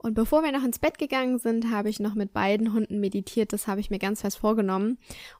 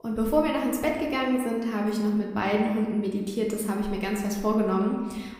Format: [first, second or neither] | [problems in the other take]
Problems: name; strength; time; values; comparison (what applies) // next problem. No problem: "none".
first | room echo; noticeable; dies away in 1.2 s // off-mic speech; somewhat distant